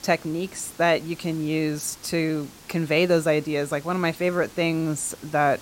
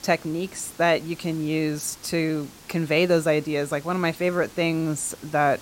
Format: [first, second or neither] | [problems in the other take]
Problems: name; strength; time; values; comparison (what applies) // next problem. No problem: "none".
neither | hiss; faint; throughout; 20 dB below the speech; the same in both